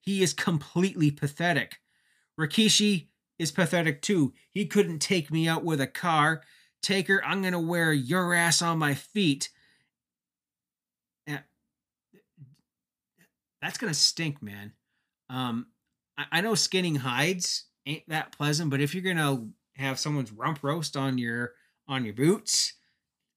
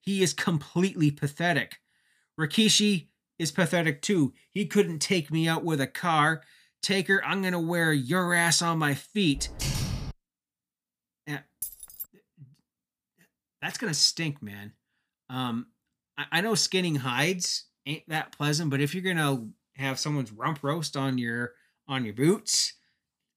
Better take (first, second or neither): first